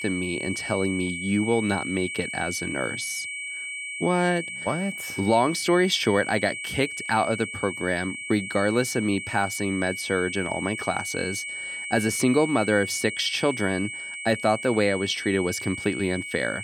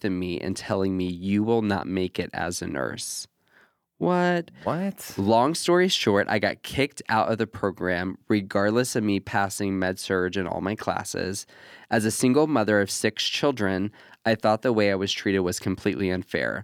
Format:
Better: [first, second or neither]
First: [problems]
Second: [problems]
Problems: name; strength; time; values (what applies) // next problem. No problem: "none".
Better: second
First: high-pitched whine; loud; throughout; 2.5 kHz, 6 dB below the speech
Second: none